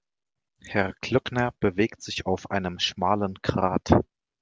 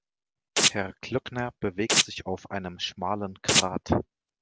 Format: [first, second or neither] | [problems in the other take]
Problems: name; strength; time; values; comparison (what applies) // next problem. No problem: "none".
first | background sound (Domestic sounds, home sounds); 4 dB above the speech